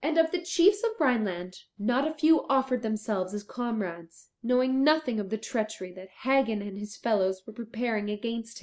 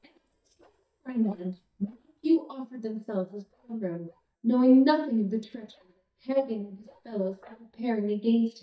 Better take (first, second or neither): first